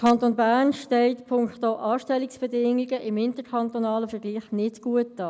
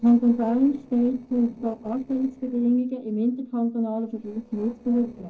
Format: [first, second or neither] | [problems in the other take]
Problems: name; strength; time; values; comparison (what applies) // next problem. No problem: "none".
first | noise reduction (neural separator model SepFormer DNS4)